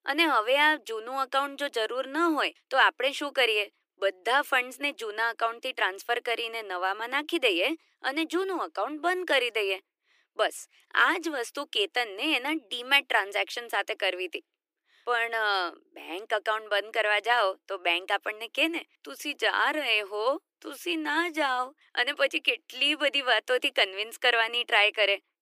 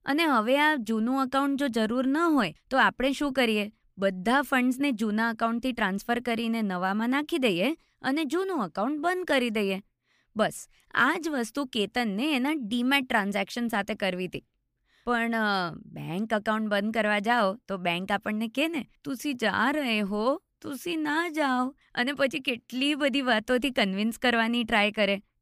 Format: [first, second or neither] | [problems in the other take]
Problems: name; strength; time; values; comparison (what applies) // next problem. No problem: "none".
second | thin; very; fading below 300 Hz